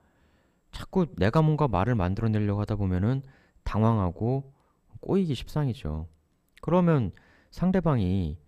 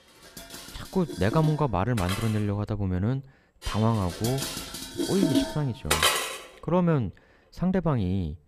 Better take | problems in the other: first | household noises; loud; throughout; 3 dB below the speech

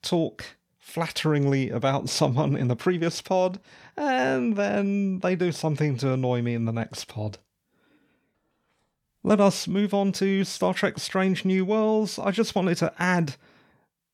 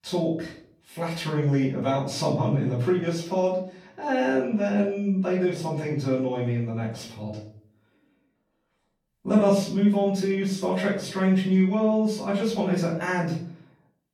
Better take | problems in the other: first | off-mic speech; far // room echo; noticeable; dies away in 0.4 s

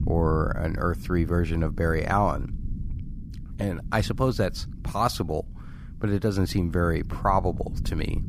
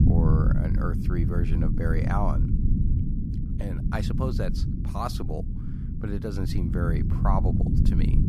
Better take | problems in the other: first | low rumble; loud; throughout; 4 dB below the speech; faint in the first

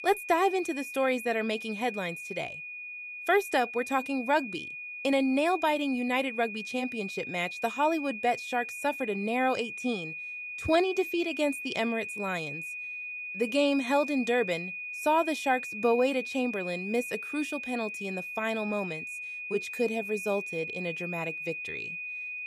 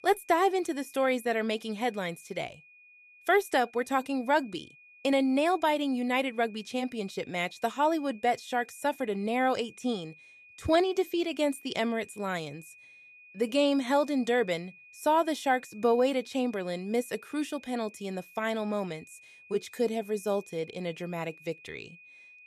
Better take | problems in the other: second | high-pitched whine; loud; throughout; 2.5 kHz, 6 dB below the speech; faint in the second

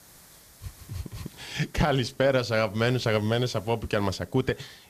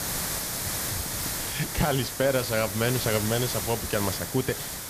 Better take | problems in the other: first | hiss; loud; throughout; 2 dB below the speech; faint in the first

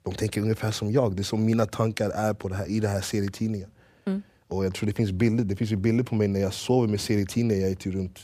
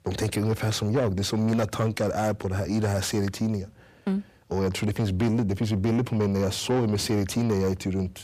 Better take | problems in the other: first | distortion; slight; 10 dB below the speech

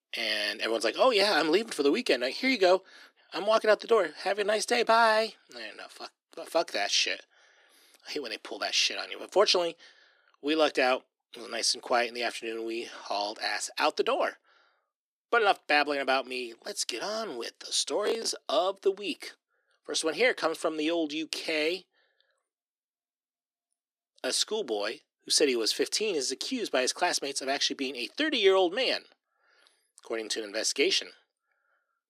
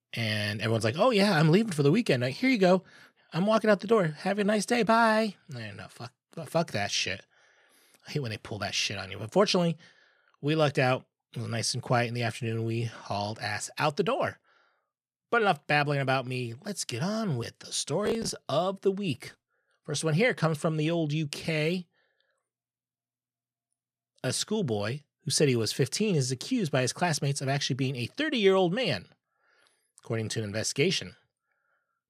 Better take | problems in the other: second | thin; somewhat; fading below 300 Hz

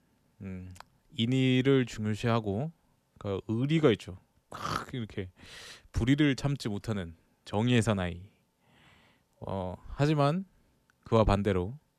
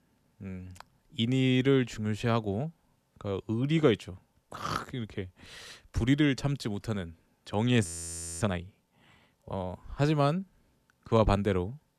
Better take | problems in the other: first | audio freezing; at 8 s for 0.5 s

